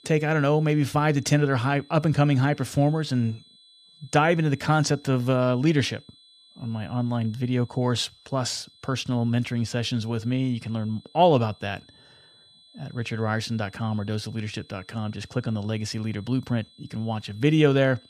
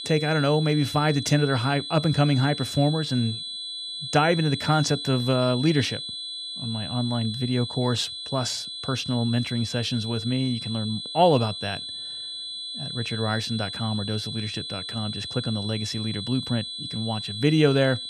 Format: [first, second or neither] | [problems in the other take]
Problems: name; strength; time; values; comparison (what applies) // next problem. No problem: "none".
first | high-pitched whine; loud; throughout; 4 kHz, 7 dB below the speech; faint in the first